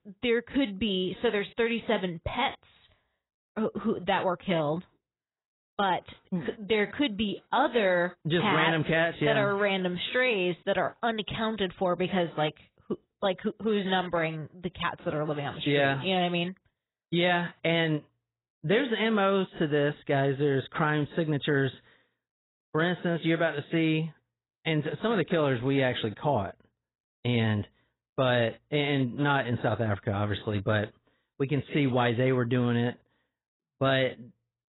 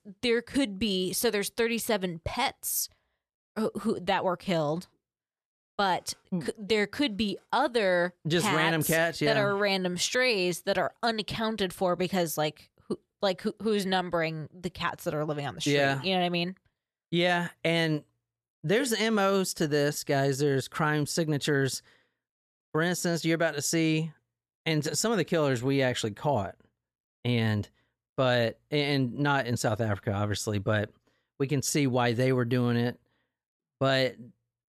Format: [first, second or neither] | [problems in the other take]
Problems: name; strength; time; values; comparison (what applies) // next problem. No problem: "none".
second | garbled, watery; badly; nothing above 4 kHz